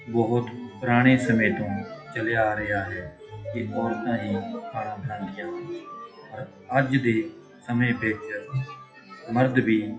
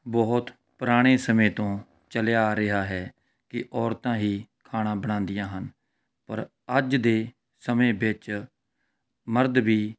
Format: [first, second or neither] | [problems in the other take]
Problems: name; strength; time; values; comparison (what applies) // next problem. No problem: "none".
second | noise reduction (classical method WPE with log-MMSE)